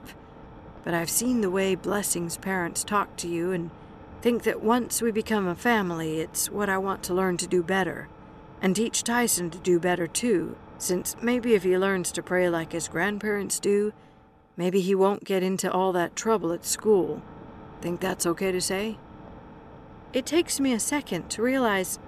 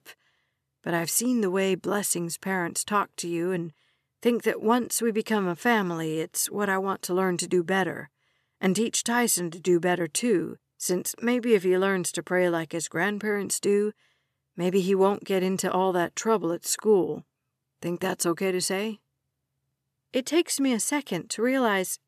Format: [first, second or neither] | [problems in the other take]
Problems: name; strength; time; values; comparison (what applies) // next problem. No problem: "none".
second | low rumble; faint; throughout; 20 dB below the speech